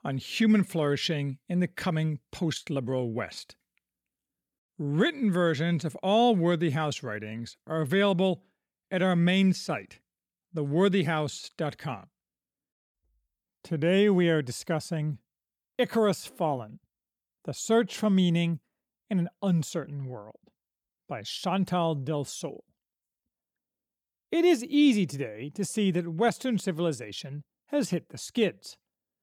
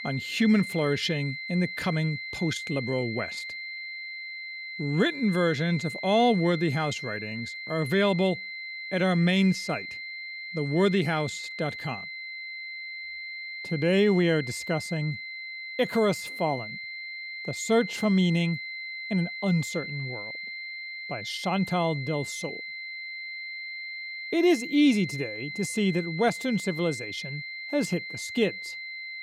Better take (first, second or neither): first